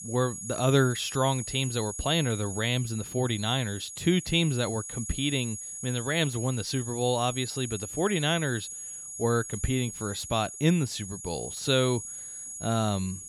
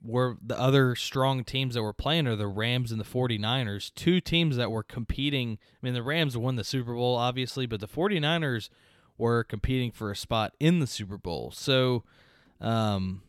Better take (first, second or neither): second